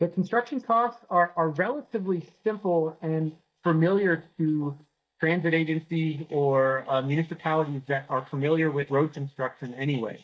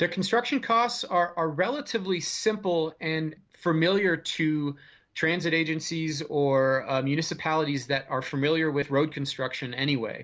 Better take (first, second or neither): second